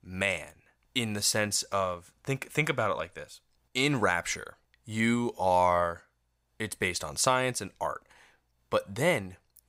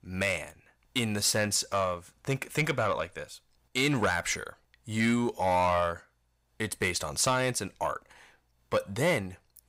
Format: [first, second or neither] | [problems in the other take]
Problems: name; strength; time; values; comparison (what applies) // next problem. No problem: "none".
first | distortion; slight; 10 dB below the speech